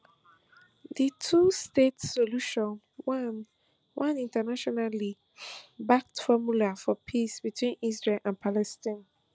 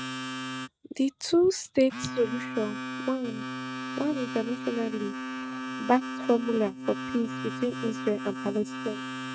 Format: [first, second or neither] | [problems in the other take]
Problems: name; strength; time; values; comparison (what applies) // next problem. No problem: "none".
first | noise reduction (neural mask model RNNoise)